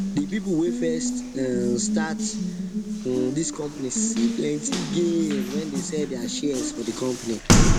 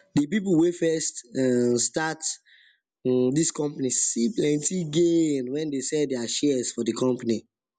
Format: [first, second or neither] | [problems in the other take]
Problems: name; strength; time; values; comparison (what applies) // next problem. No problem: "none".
second | background sound (Water tap, faucet); 2 dB above the speech